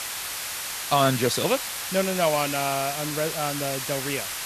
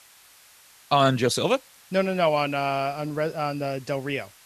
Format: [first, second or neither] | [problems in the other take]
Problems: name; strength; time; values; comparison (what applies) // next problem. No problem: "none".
second | hiss; loud; throughout; 3 dB below the speech; faint in the second